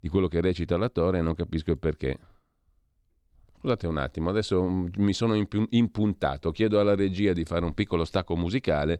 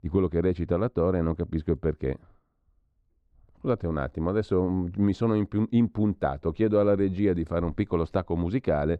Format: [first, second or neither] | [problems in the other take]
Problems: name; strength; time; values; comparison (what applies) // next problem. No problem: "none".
first | muffled; slightly; fading above 2 kHz